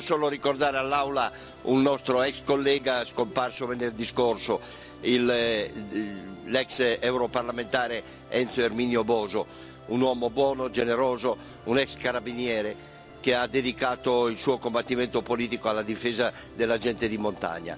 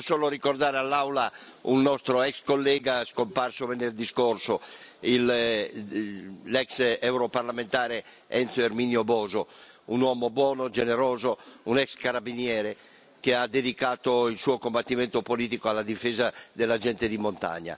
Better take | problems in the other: second | background sound (Musical instrument); 19 dB below the speech

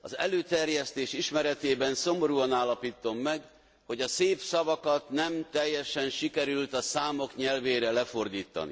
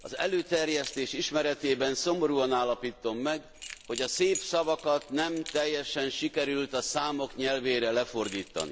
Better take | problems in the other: first | background sound (Keys jangling); 18 dB below the speech

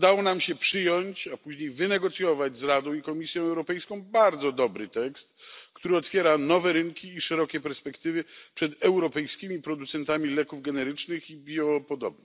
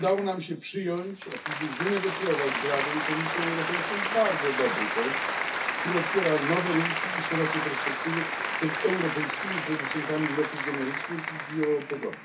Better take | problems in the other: first | background sound (Applause); 1 dB below the speech // room echo; dies away in 0.3 s

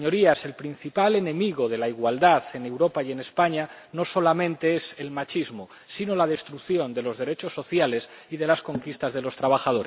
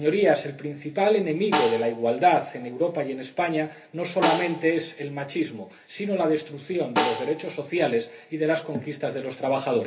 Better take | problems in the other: first | background sound (Snare drum); 8 dB below the speech // room echo; dies away in 0.3 s

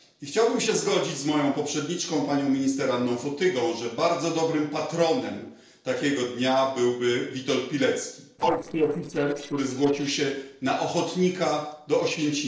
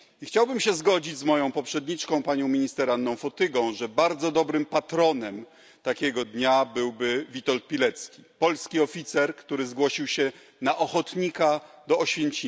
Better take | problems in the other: second | noise reduction (neural separator model SepFormer DNS4)

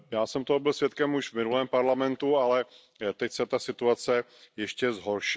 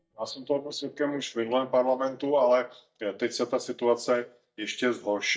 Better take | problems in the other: first | noise reduction (neural mask model DeepFilterNet 3)

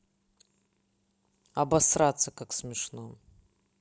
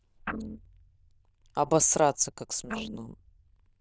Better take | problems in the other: first | noise reduction (neural diffusion model UNIVERSE++)

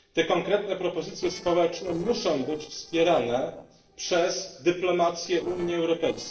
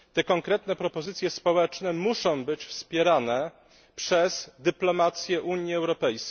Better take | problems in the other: second | noise reduction (neural separator model SepFormer DNS4)

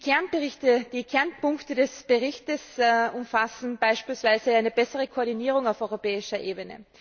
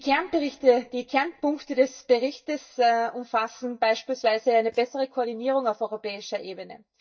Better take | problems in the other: first | noise reduction (neural mask model DeepFilterNet 3)

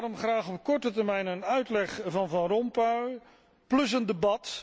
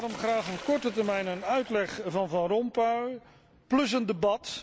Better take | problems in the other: first | background sound (Sink (filling or washing)); 19 dB below the speech

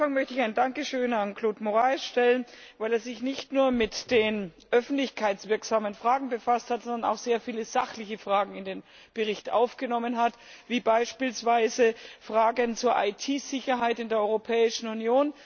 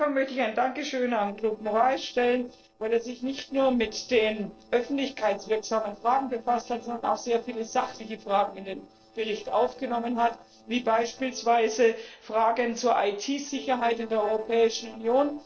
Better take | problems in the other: first | noise reduction (neural separator model SepFormer DNS4)

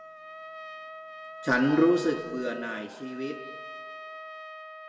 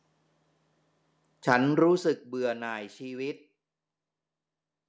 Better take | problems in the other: second | background sound (Trumpet); 12 dB below the speech // room echo; dies away in 1.5 s

